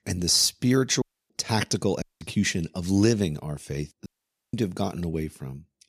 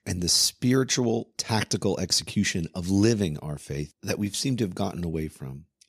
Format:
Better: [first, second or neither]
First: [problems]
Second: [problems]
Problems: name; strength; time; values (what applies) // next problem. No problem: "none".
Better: second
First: audio cutting out; at 1 s, at 2 s and at 4 s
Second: none